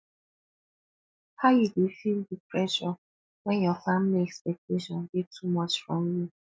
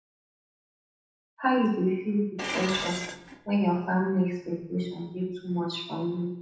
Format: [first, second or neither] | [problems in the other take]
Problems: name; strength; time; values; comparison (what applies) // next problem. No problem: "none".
first | background sound (Dishes, pots, and pans); 10 dB below the speech // room echo; dies away in 0.8 s